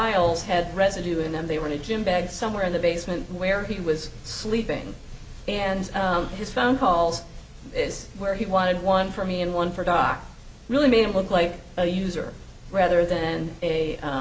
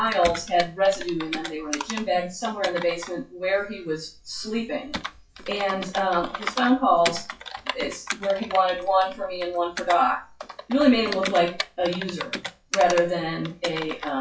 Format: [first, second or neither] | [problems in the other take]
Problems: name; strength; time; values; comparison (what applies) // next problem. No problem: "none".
first | noise reduction (classical method WPE with log-MMSE)